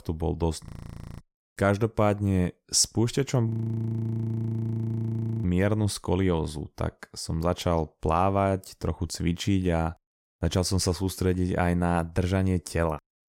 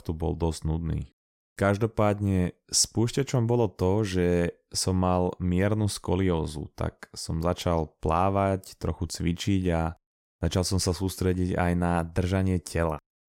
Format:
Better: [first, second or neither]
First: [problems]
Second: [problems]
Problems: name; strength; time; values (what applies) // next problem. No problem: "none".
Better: second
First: audio freezing; at 0.5 s for 0.5 s and at 3.5 s for 2 s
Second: none